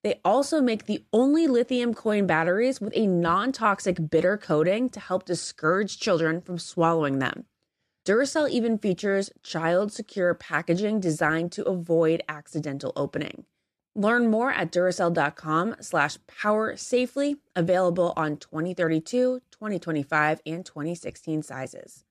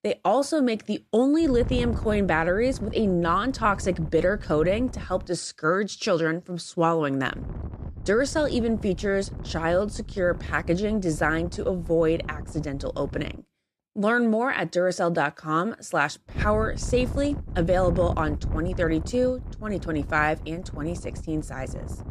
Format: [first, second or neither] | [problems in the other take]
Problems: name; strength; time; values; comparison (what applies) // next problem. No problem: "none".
first | wind noise on the microphone; occasional gusts; from 1.5 to 5 s, from 7.5 to 13 s and from 16 s on; 20 dB below the speech